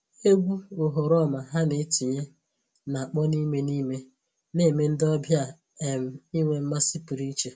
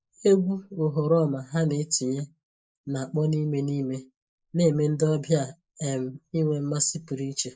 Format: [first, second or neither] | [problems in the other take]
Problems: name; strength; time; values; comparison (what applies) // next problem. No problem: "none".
first | noise reduction (neural mask model Resemble Enhance denoiser)